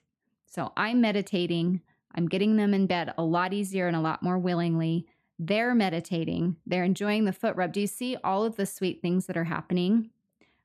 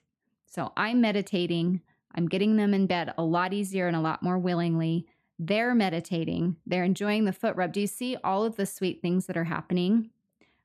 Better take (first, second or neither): neither